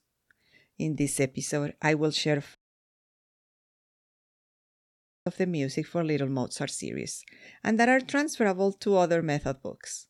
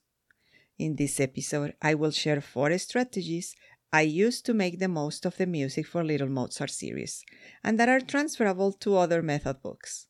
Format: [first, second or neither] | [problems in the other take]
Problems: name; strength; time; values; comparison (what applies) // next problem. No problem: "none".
second | audio cutting out; at 2.5 s for 2.5 s